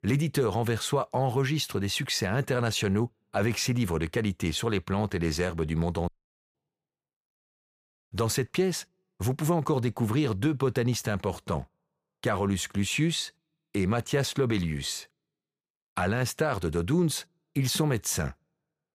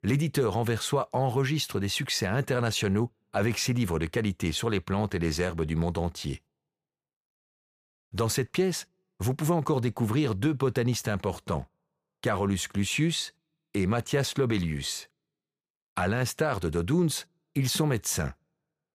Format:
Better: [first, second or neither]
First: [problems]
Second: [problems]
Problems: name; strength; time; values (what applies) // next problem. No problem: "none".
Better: second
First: audio cutting out; at 6 s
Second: none